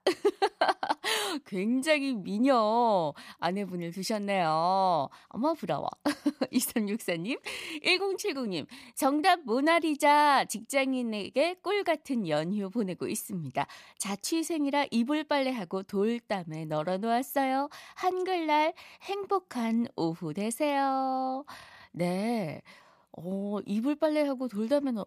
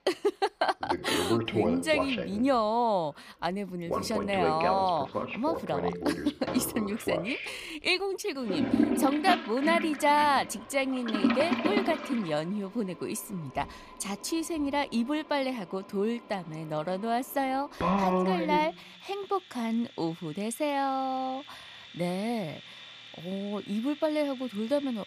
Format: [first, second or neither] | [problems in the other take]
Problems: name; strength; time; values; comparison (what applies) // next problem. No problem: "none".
first | household noises; loud; throughout; 1 dB below the speech